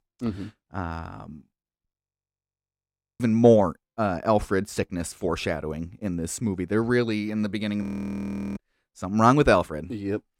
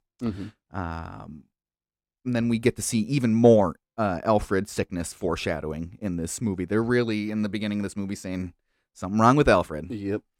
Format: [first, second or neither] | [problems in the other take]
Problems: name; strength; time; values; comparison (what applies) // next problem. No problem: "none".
second | audio freezing; at 2 s for 1.5 s and at 8 s for 0.5 s